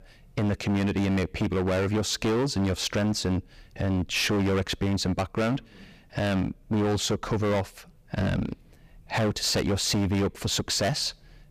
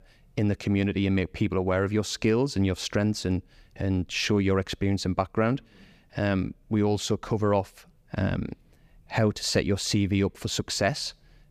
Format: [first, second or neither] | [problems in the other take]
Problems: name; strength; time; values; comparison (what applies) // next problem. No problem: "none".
second | distortion; heavy; 20% of the sound clipped